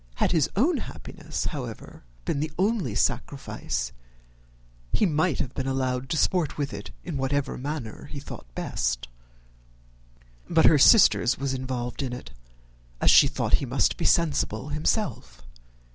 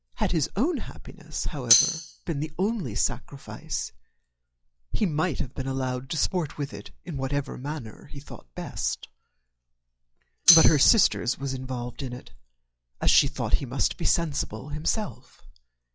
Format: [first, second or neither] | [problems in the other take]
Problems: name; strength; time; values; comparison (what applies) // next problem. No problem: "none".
first | noise reduction (classical method log-MMSE)